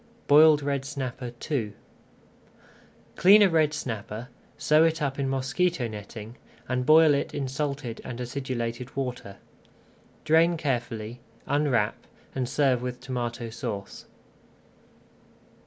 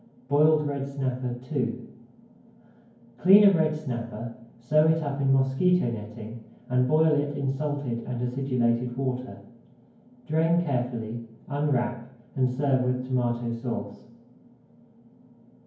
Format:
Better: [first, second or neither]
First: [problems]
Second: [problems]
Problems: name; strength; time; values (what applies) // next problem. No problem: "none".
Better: first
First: none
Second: room echo; dies away in 0.9 s